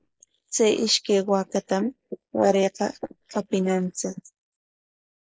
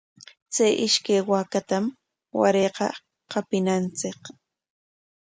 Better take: second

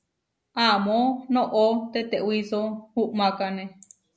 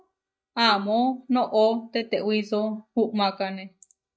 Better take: first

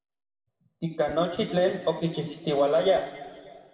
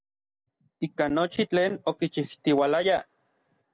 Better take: second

